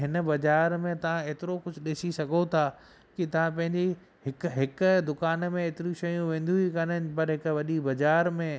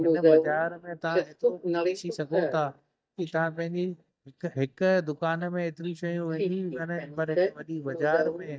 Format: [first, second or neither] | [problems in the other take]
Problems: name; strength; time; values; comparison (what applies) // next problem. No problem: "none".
first | noise reduction (neural mask model DeepFilterNet 3)